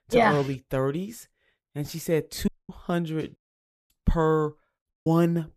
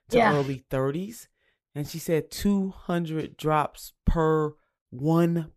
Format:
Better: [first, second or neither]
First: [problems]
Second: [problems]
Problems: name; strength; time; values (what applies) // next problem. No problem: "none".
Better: second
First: audio cutting out; at 2.5 s, at 3.5 s for 0.5 s and at 5 s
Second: none